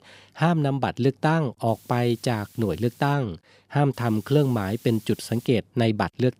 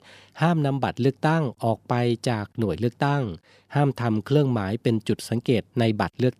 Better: second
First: hiss; faint; from 1.5 to 3 s and from 4 to 5.5 s; 25 dB below the speech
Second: none

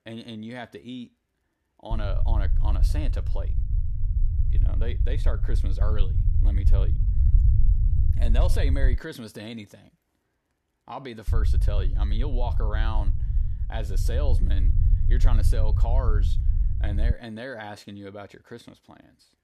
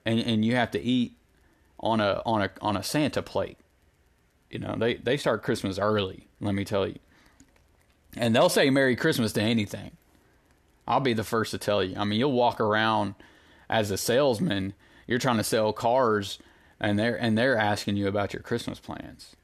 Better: second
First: low rumble; loud; from 2 to 9 s and from 11 to 17 s; 7 dB below the speech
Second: none

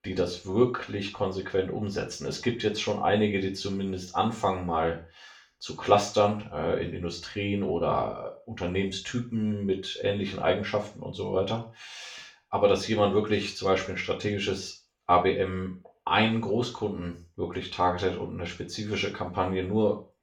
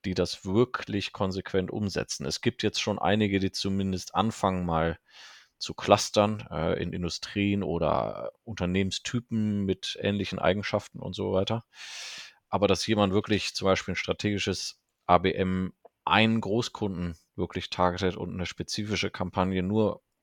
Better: second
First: room echo; slight; dies away in 0.3 s // off-mic speech; far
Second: none

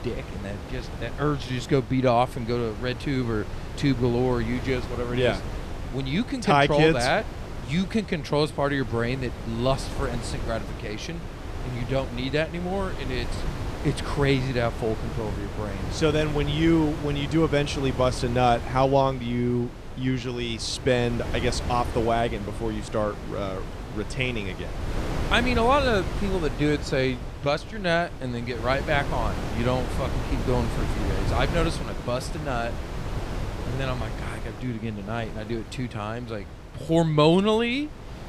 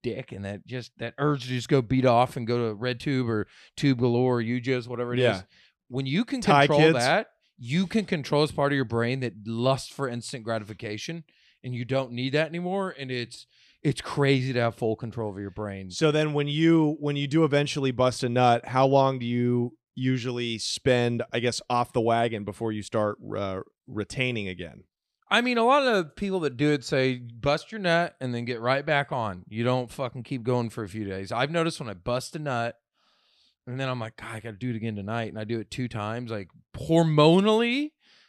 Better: second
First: wind noise on the microphone; occasional gusts; 10 dB below the speech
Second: none

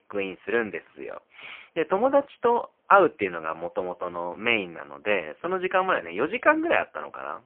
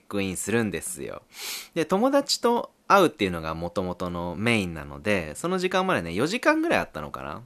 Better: second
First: phone-call audio; poor line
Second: none

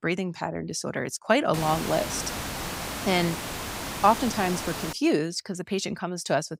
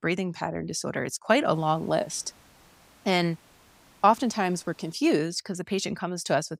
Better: second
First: hiss; loud; from 1.5 to 5 s; 6 dB below the speech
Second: hiss; faint; from 1.5 to 5 s; 30 dB below the speech

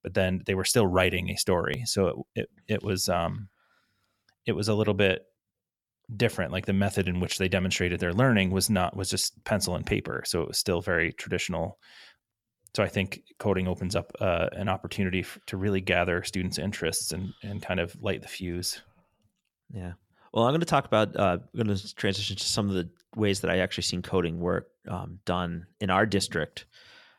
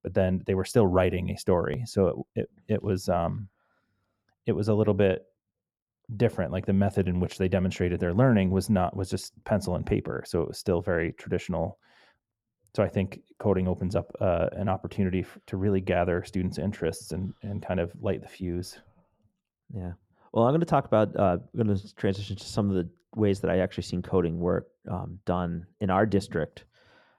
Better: first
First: none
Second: muffled; slightly; fading above 1.5 kHz

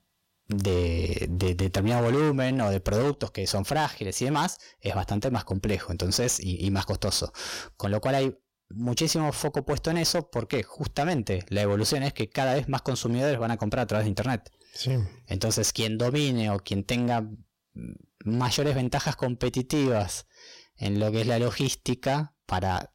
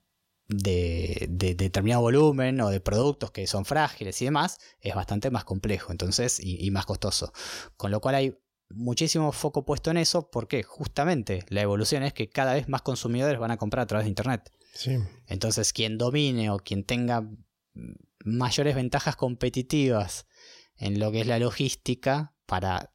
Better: second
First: distortion; slight; 14% of the sound clipped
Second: none

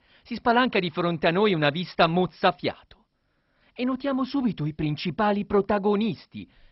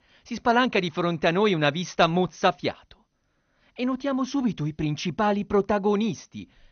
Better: second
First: garbled, watery; badly; nothing above 5.5 kHz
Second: garbled, watery; slightly; nothing above 6.5 kHz

